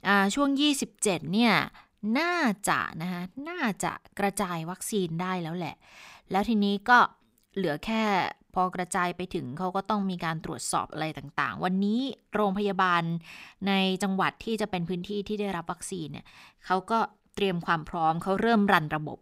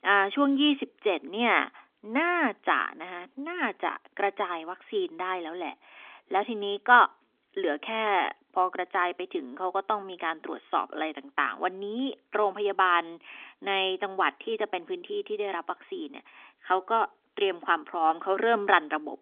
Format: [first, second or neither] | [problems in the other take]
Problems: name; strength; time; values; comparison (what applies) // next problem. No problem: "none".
first | phone-call audio; nothing above 3.5 kHz